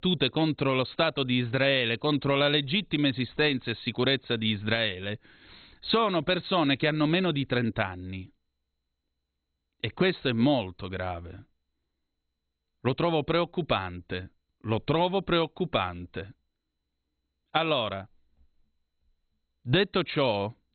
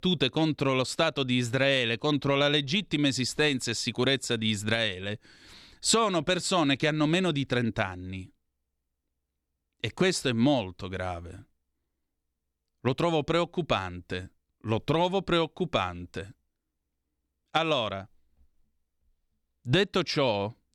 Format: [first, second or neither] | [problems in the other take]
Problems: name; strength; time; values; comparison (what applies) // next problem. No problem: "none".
second | garbled, watery; badly; nothing above 4 kHz